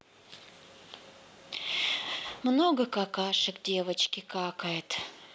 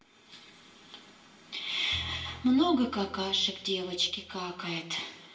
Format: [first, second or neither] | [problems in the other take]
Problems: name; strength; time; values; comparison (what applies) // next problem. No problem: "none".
first | background sound (Bowed string instrument); 17 dB below the speech // room echo; dies away in 0.9 s